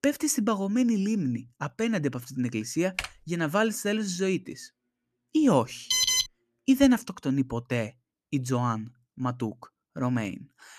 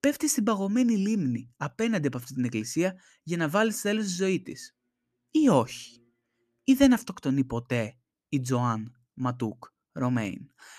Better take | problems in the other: second | keyboard typing; noticeable; at 3 s; peak 7 dB below the speech // alarm; loud; at 6 s; peak 6 dB above the speech

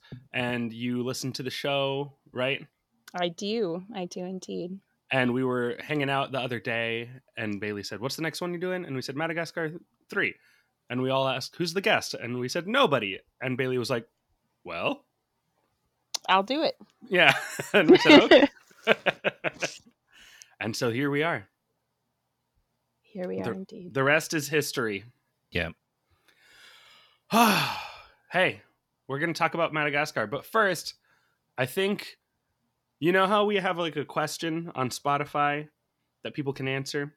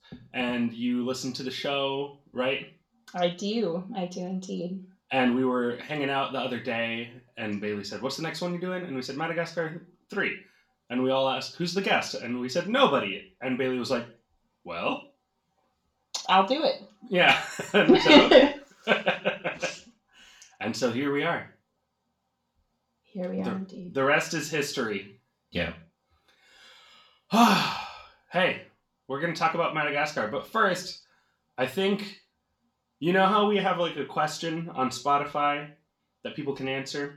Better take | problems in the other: first | room echo; slight; dies away in 0.3 s // off-mic speech; far

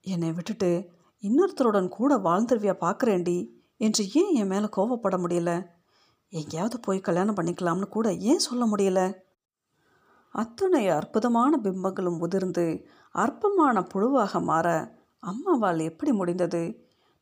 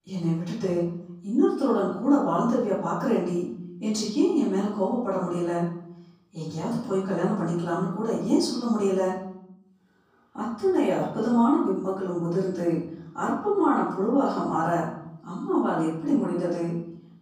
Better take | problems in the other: first | off-mic speech; far // room echo; noticeable; dies away in 0.8 s

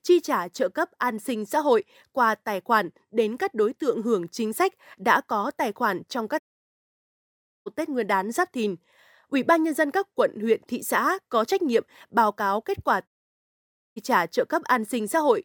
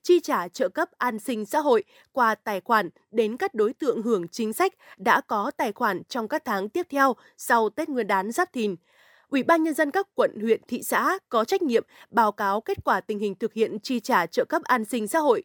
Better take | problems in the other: second | audio cutting out; at 6.5 s for 1.5 s and at 13 s for 1 s

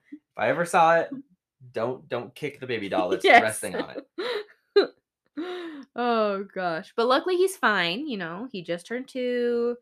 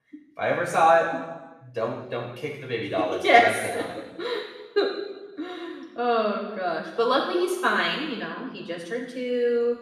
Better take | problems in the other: first | room echo; noticeable; dies away in 1 s // off-mic speech; far

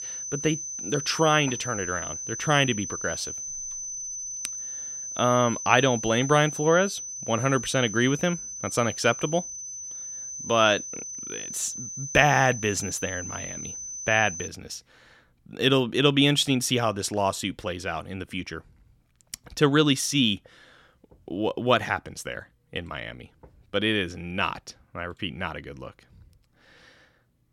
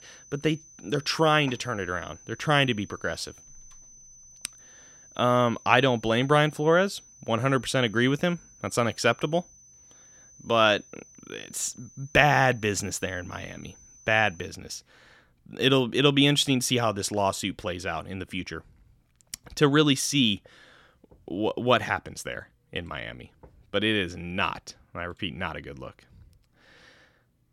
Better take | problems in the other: second | high-pitched whine; loud; until 14 s; 6 kHz, 8 dB below the speech; faint in the second

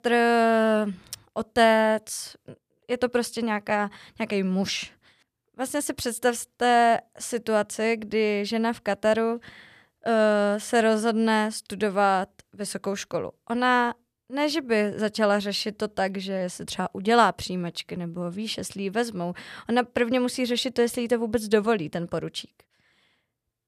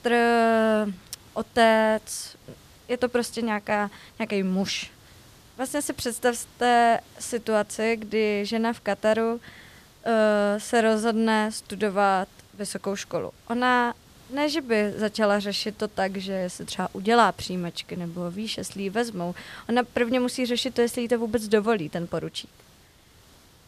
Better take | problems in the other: first | hiss; faint; throughout; 25 dB below the speech

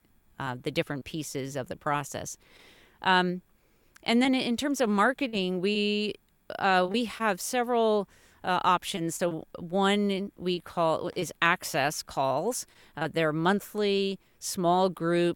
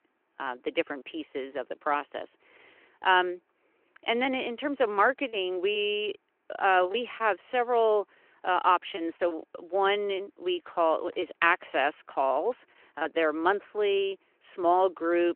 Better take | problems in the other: first | phone-call audio; nothing above 3 kHz

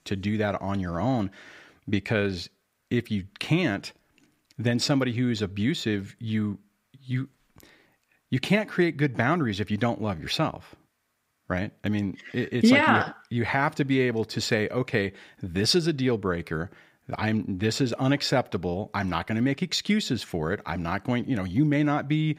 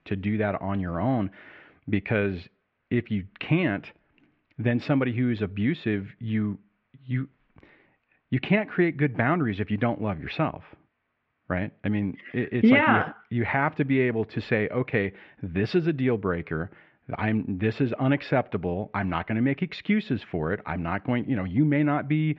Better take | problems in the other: first | muffled; very; fading above 2.5 kHz

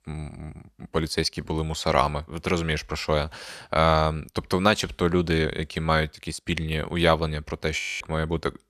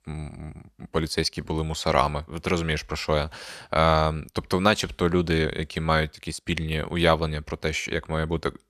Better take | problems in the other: second | audio freezing; at 8 s

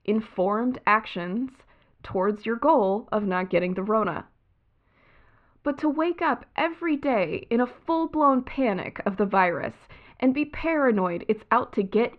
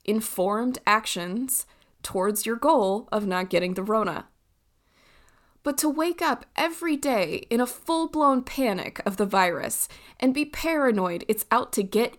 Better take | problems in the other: second | muffled; very; fading above 2.5 kHz

